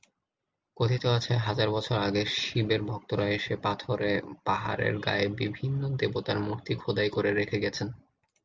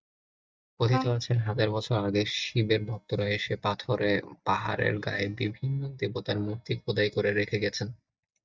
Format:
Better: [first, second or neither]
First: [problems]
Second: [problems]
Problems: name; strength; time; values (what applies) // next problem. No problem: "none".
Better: first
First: none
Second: noise reduction (neural mask model DeepFilterNet 3)